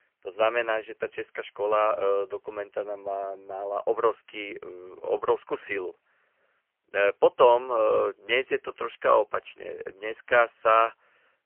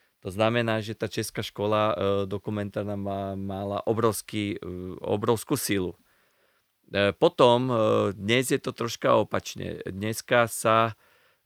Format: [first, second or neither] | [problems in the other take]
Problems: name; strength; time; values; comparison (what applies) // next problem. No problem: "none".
second | phone-call audio; poor line; nothing above 3 kHz